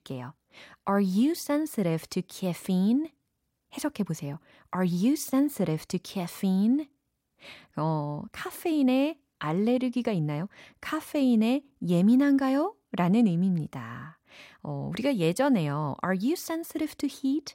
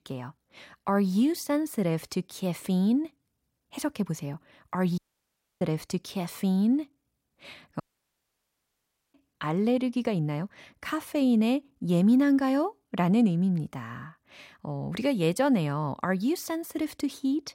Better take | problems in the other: first | audio cutting out; at 5 s for 0.5 s and at 8 s for 1.5 s

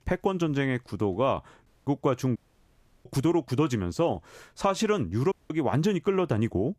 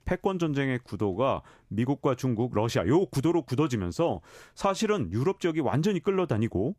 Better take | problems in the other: second | audio cutting out; at 1.5 s, at 2.5 s for 0.5 s and at 5.5 s

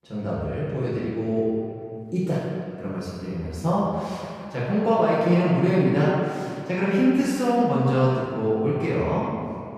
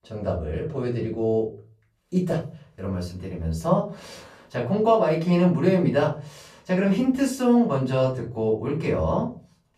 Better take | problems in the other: second | room echo; strong; dies away in 2.1 s; slight in the second // off-mic speech; far; far in the second

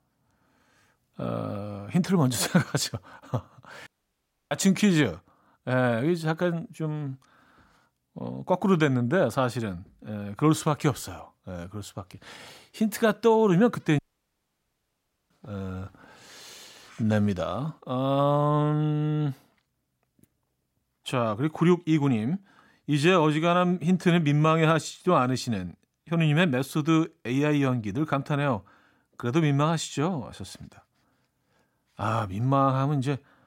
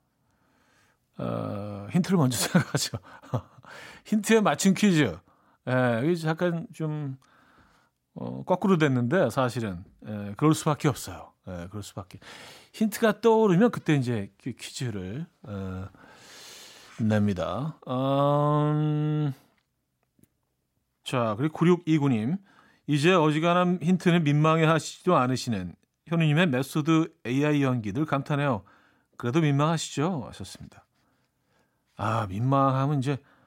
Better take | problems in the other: second | audio cutting out; at 4 s for 0.5 s and at 14 s for 1.5 s

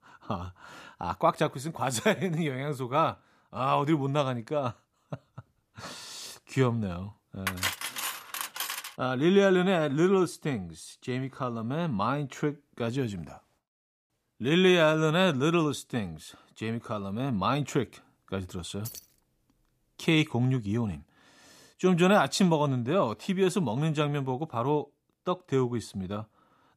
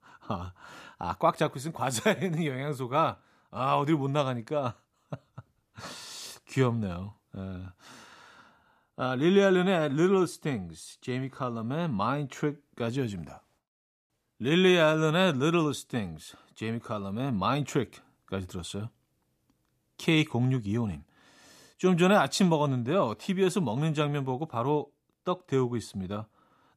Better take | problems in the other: second | clattering dishes; noticeable; from 7.5 to 9 s; peak 2 dB below the speech // jangling keys; faint; at 19 s; peak 15 dB below the speech

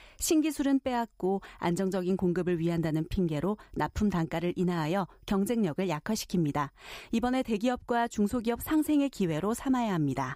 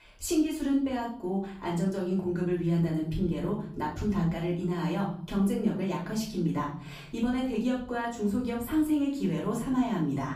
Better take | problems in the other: first | off-mic speech; far // room echo; slight; dies away in 0.6 s

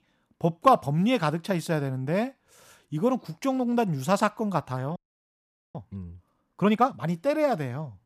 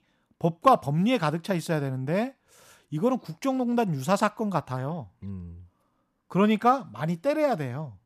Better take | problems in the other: second | audio freezing; at 5 s for 1 s

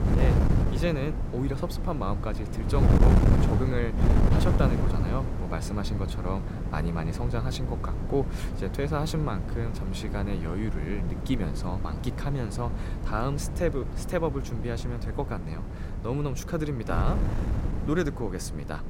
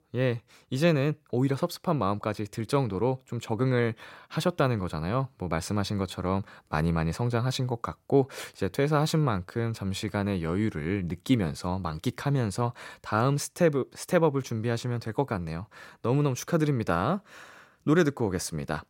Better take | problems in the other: second | wind noise on the microphone; heavy; 4 dB below the speech

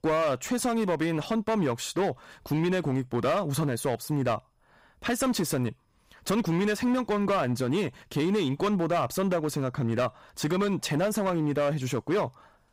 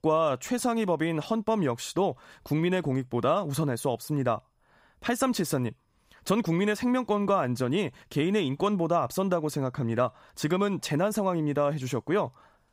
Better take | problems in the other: second | distortion; slight; 11% of the sound clipped

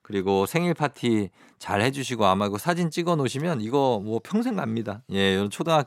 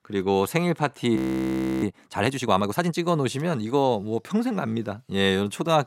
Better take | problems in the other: first | audio freezing; at 1 s for 0.5 s

